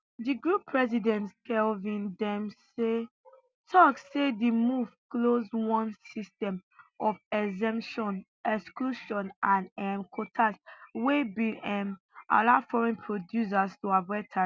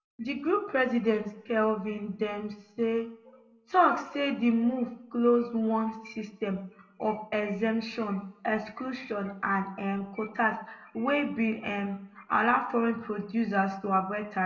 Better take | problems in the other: first | room echo; dies away in 0.5 s

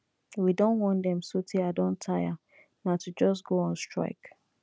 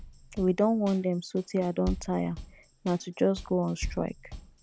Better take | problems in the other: first | background sound (Bass drum / Snare drum / Drum kit); 12 dB below the speech

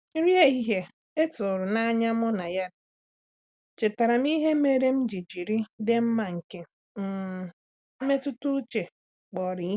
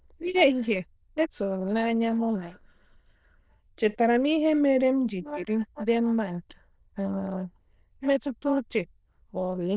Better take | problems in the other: first | noise reduction (neural diffusion model UNIVERSE++)

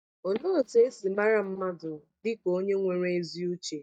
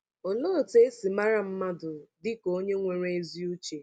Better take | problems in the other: second | noise reduction (neural mask model DeepFilterNet 3)

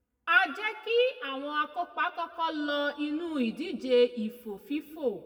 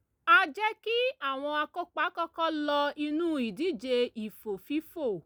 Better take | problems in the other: second | room echo; dies away in 1.1 s

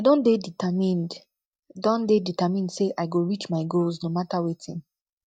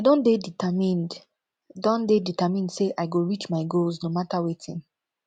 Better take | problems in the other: second | noise reduction (neural mask model DeepFilterNet 3)

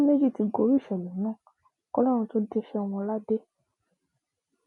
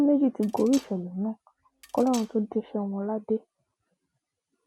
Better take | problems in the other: first | background sound (Cutlery, silverware); 20 dB below the speech

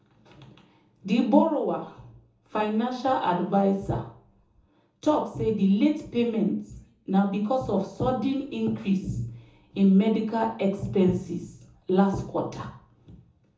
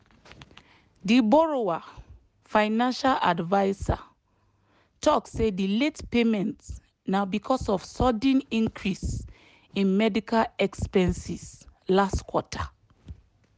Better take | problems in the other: second | room echo; dies away in 1 s

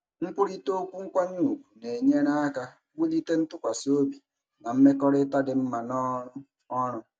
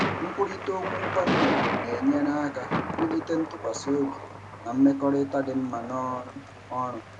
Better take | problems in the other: first | background sound (Thunder); 3 dB below the speech

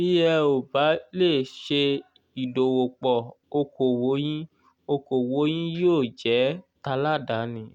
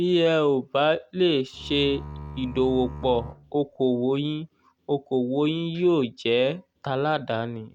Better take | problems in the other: first | background sound (Bowed string instrument); 13 dB below the speech

